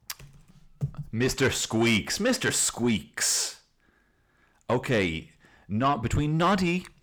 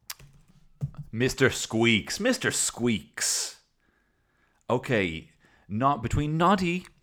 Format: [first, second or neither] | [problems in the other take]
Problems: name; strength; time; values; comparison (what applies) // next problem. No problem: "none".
second | distortion; slight; 10 dB below the speech